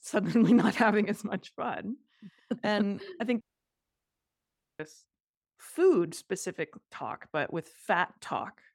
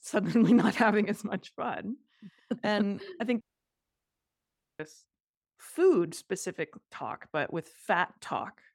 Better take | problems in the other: neither | audio cutting out; at 3.5 s for 1.5 s; the same in both

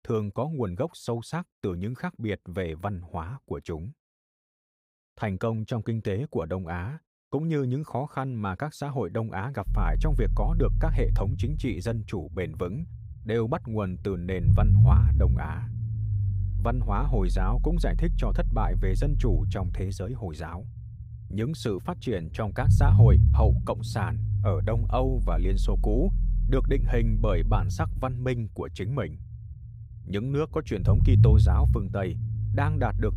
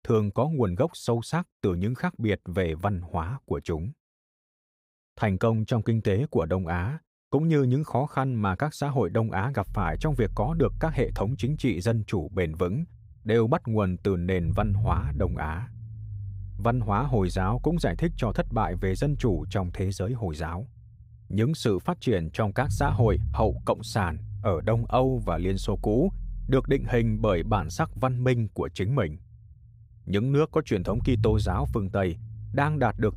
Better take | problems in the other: second | low rumble; loud; from 9.5 s on; 7 dB below the speech; faint in the second

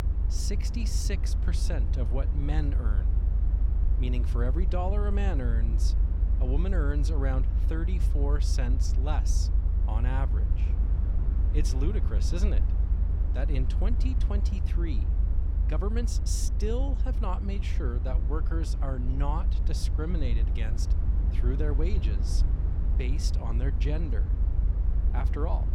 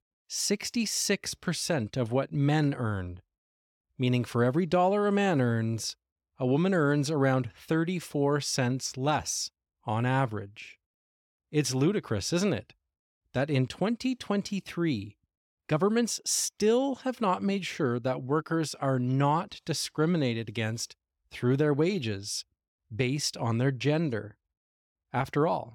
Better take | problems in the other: second | low rumble; loud; throughout; 7 dB below the speech

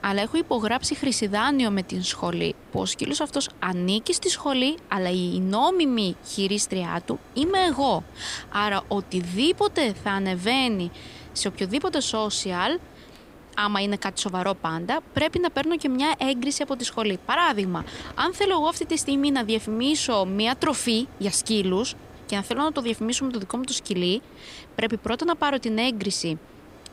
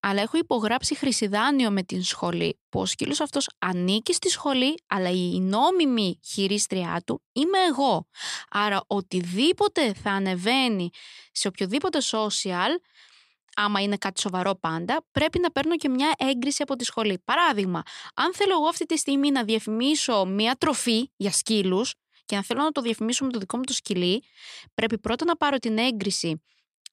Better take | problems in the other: second | hiss; faint; throughout; 20 dB below the speech

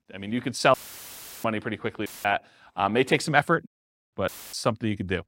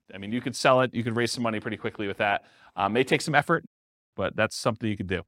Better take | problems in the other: second | audio cutting out; filled with static; at 0.5 s for 0.5 s, at 2 s and at 4.5 s

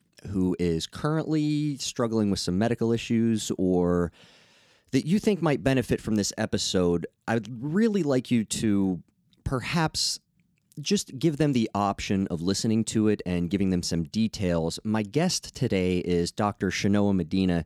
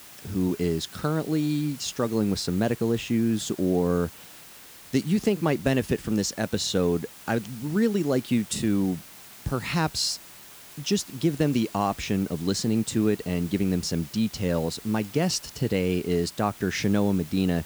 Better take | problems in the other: first | hiss; noticeable; throughout; 20 dB below the speech

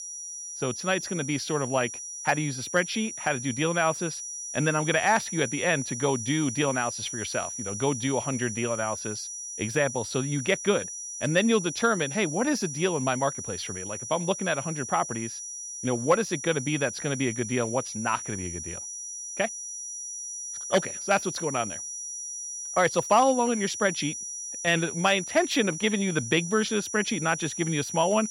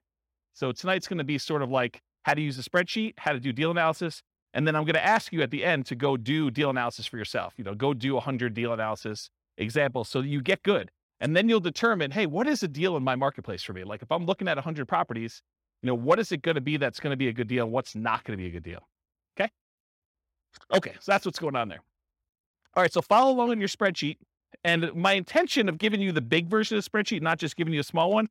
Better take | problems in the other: second | high-pitched whine; loud; throughout; 6 kHz, 7 dB below the speech

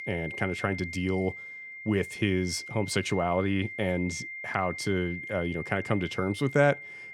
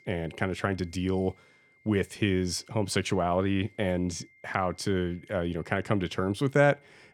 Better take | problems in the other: second | high-pitched whine; loud; throughout; 2 kHz, 9 dB below the speech; faint in the second

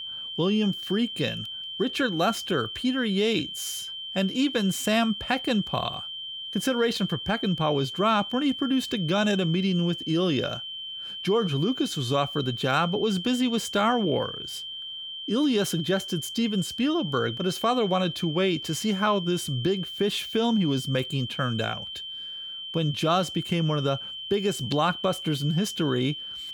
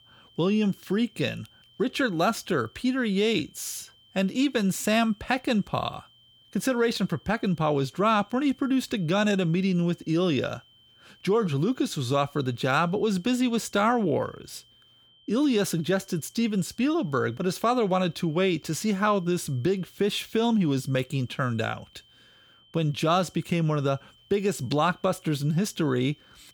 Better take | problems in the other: second | high-pitched whine; loud; throughout; 3 kHz, 7 dB below the speech; faint in the second

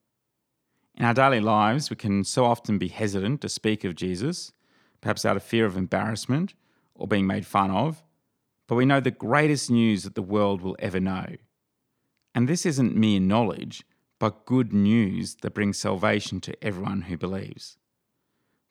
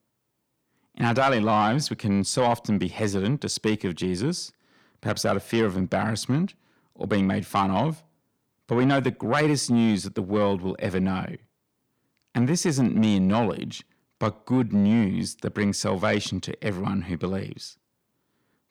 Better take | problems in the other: first | distortion; slight; 10 dB below the speech

